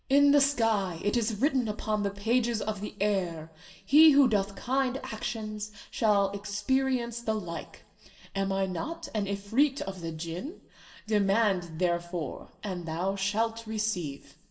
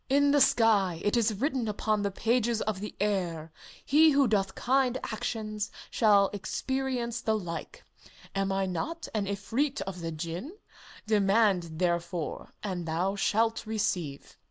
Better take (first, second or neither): second